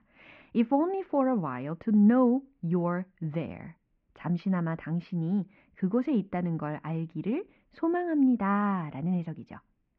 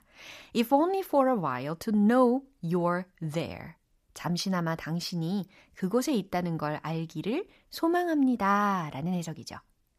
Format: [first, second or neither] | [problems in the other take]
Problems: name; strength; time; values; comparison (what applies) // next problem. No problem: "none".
second | muffled; very; fading above 2.5 kHz